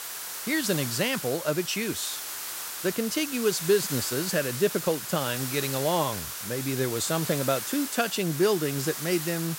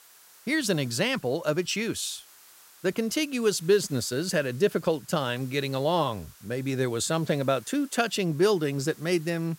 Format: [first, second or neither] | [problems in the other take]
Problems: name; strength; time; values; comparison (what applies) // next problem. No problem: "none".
second | hiss; loud; throughout; 5 dB below the speech; faint in the second